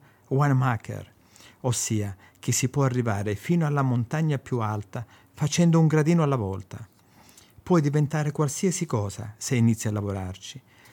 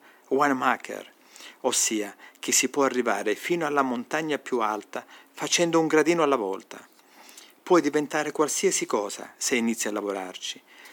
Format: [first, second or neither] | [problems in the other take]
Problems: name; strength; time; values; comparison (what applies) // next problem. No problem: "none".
first | thin; somewhat; fading below 250 Hz